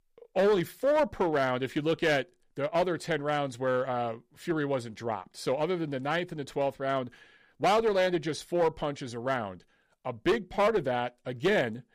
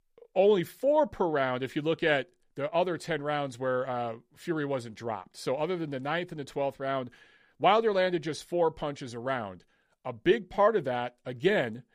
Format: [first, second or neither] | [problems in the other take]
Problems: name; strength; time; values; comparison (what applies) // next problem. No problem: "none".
second | distortion; slight; 5% of the sound clipped